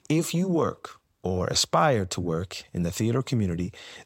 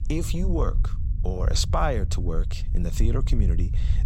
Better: first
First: none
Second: low rumble; noticeable; throughout; 15 dB below the speech

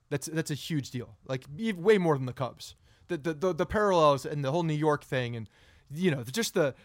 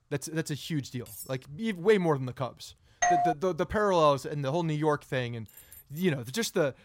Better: first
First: none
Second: clattering dishes; faint; at 1 s; peak 15 dB below the speech // doorbell; loud; at 3 s; peak 4 dB above the speech // jangling keys; faint; at 5.5 s; peak 20 dB below the speech

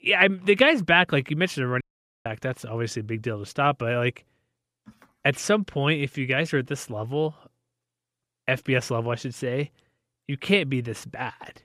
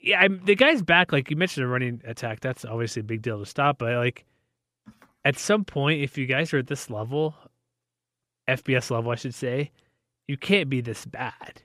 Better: second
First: audio cutting out; at 2 s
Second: none

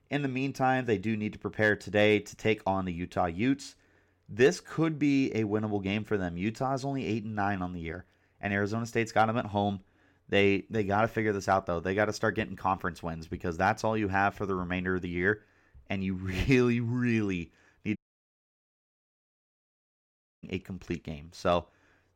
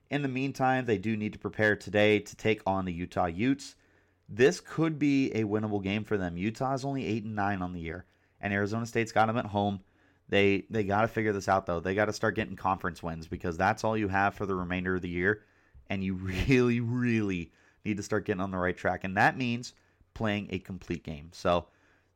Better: second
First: audio cutting out; at 18 s for 2.5 s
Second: none

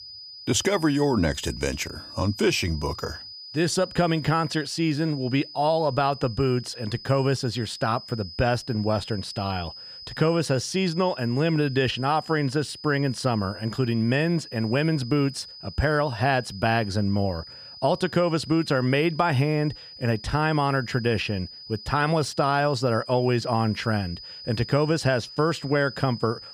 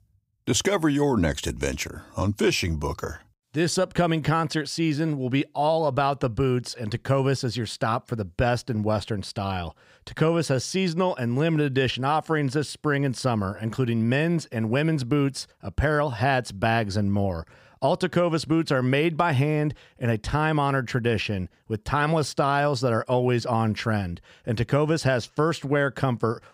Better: second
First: high-pitched whine; noticeable; throughout; 5 kHz, 15 dB below the speech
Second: none

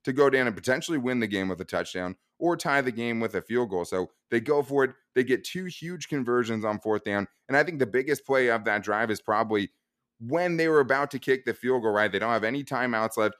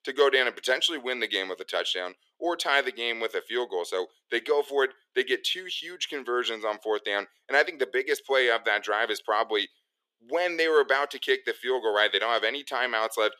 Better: first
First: none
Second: thin; very; fading below 400 Hz

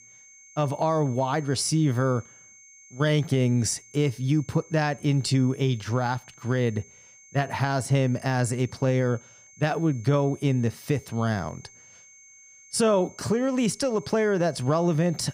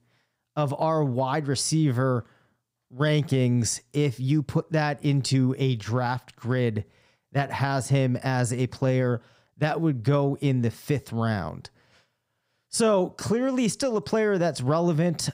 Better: second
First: high-pitched whine; faint; throughout; 6.5 kHz, 25 dB below the speech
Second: none

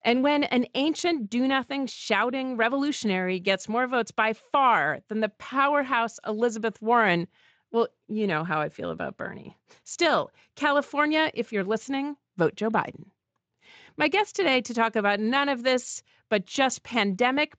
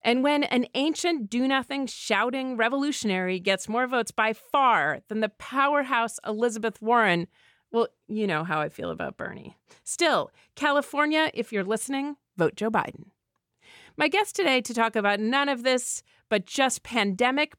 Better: second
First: garbled, watery; slightly; nothing above 7.5 kHz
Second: none

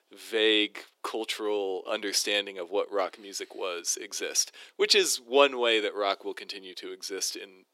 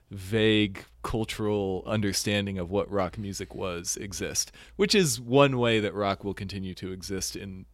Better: second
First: thin; very; fading below 350 Hz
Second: none

